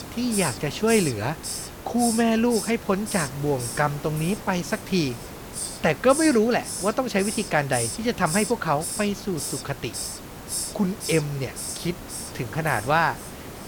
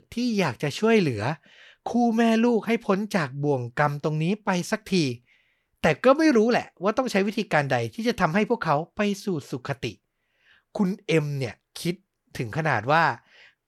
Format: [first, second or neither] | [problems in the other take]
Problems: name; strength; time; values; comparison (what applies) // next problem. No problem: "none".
second | hiss; loud; throughout; 7 dB below the speech